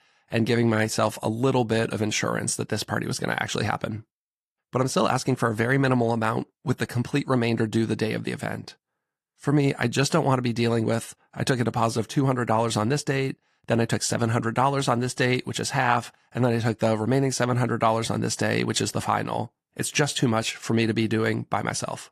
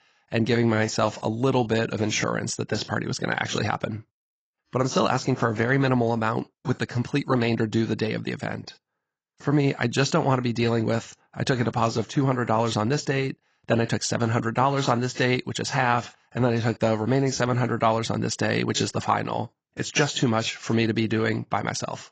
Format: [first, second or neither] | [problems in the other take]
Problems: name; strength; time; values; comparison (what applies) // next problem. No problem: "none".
first | garbled, watery; badly; nothing above 7.5 kHz; slightly in the first